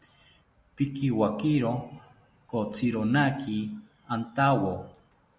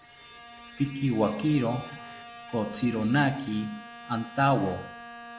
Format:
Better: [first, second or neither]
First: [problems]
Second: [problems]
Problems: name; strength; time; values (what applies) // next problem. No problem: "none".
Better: first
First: none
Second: background sound (Bowed string instrument); 16 dB below the speech